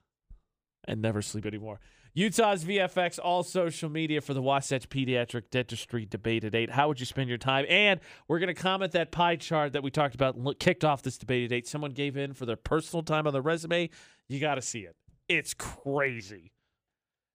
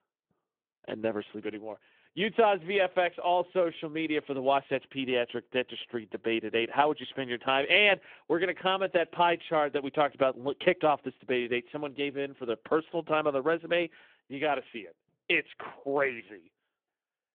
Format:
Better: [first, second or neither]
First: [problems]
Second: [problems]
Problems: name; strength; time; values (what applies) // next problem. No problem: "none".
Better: first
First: none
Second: phone-call audio; nothing above 3.5 kHz